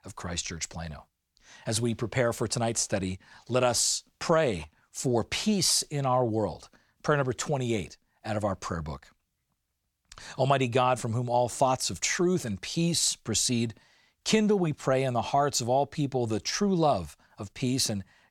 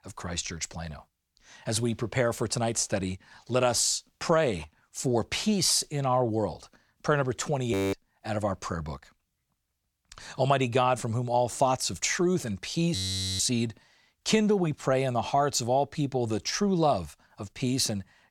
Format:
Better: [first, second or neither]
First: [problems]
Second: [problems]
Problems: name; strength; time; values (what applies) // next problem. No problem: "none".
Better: first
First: none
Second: audio freezing; at 7.5 s and at 13 s